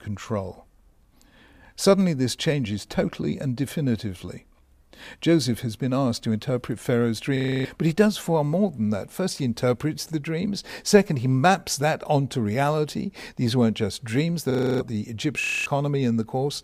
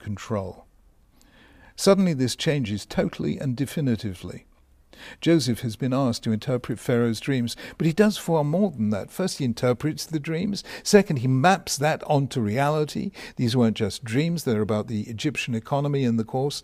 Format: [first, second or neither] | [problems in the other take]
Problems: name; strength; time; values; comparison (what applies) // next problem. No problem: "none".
second | audio freezing; at 7.5 s and at 15 s